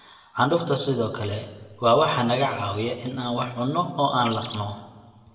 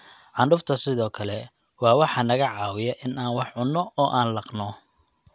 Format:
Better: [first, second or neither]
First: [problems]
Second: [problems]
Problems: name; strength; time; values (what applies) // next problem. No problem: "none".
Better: second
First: background sound (Bird); 13 dB below the speech // room echo; dies away in 1.4 s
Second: none